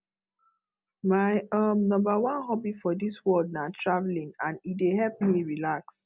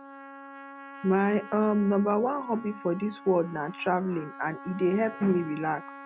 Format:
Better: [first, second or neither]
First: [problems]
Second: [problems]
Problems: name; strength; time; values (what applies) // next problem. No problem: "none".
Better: first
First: none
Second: background sound (Trumpet); 16 dB below the speech